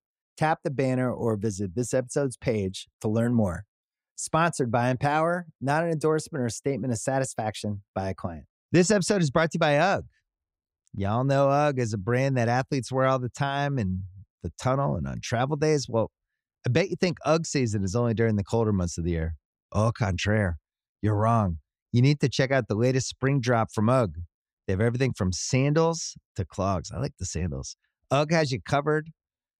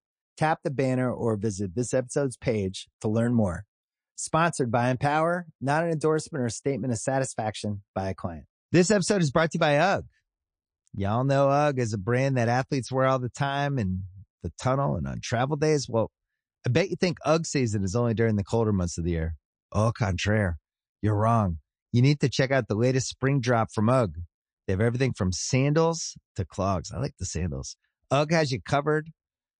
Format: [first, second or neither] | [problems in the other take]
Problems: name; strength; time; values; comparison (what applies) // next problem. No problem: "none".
first | garbled, watery; slightly; nothing above 9.5 kHz